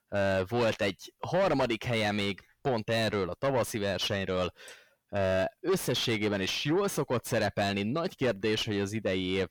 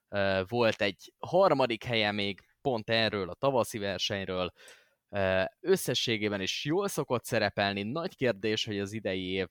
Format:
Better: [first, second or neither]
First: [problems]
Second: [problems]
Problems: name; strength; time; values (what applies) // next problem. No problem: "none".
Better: second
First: distortion; heavy; 7 dB below the speech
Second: none